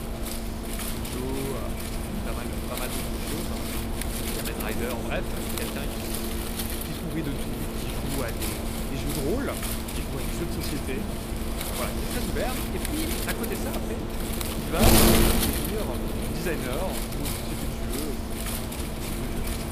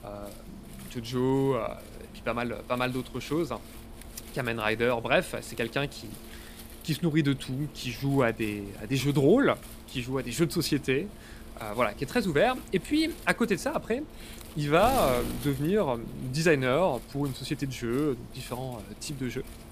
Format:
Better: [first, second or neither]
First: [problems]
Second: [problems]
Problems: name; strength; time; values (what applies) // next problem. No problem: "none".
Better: second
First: wind noise on the microphone; heavy; 4 dB above the speech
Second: wind noise on the microphone; occasional gusts; 20 dB below the speech